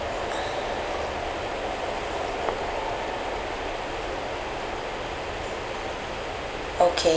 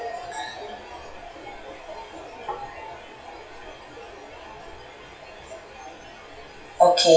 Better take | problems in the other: first | noise reduction (classical method WPE with log-MMSE)

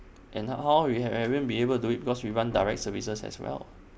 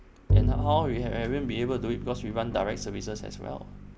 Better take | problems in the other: first | background sound (Bowed string instrument); 2 dB above the speech

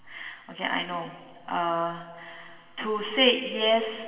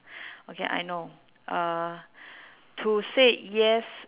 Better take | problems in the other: second | room echo; dies away in 2.2 s

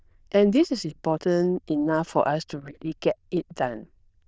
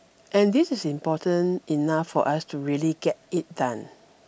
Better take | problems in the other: second | noise reduction (neural diffusion model UNIVERSE++)

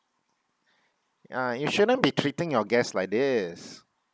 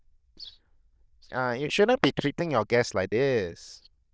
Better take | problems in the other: first | noise reduction (neural diffusion model UNIVERSE++)

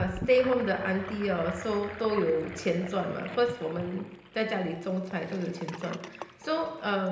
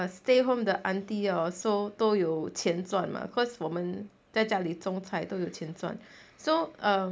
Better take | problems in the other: second | background sound (Sink (filling or washing) / Gurgling); 13 dB below the speech // room echo; dies away in 0.9 s

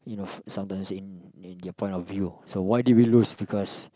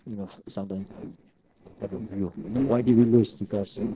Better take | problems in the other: first | noise reduction (neural separator model SepFormer DNS4)

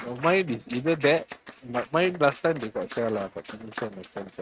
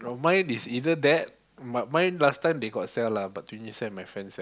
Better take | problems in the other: second | noise reduction (neural mask model RNNoise)

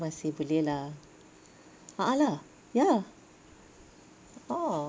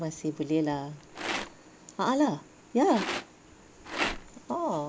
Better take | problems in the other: first | background sound (Rattle); 8 dB below the speech

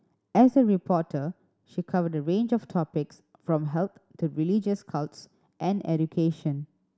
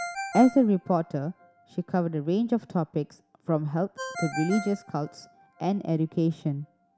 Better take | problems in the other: first | background sound (Ringtone); 14 dB below the speech

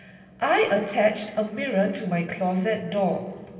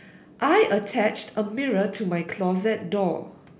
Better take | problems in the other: second | room echo; dies away in 1.9 s

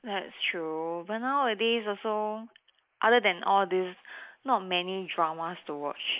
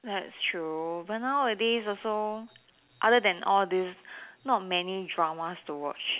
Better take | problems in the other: second | noise reduction (neural mask model Resemble Enhance denoiser)

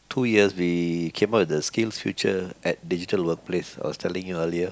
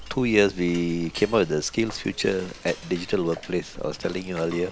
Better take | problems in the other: first | background sound (Cutlery, silverware / Dishes, pots, and pans); 16 dB below the speech

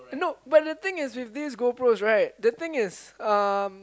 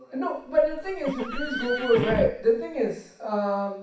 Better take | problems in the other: first | background sound (Livestock, farm animals, working animals); 7 dB below the speech // room echo; dies away in 0.6 s

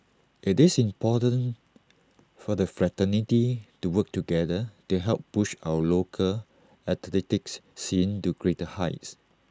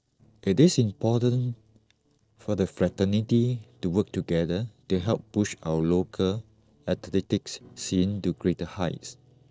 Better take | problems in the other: first | noise reduction (neural separator model SepFormer DNS4)

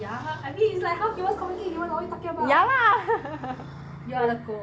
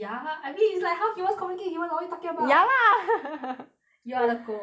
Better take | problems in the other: second | background sound (Motorcycle); 14 dB below the speech

